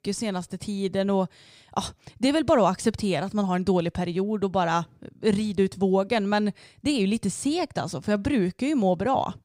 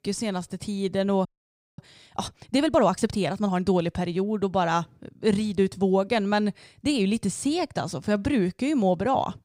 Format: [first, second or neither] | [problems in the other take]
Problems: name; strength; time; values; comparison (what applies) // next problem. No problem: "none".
first | audio freezing; at 1.5 s for 0.5 s